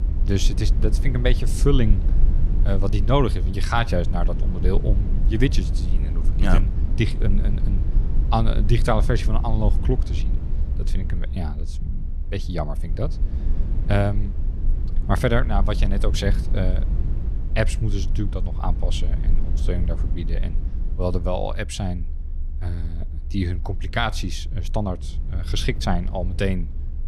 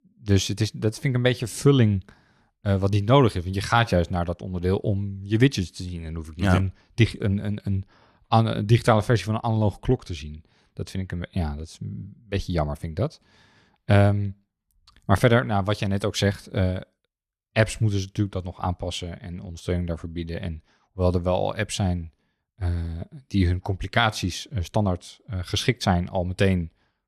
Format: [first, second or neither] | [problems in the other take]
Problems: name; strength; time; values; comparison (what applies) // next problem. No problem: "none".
second | low rumble; noticeable; throughout; 15 dB below the speech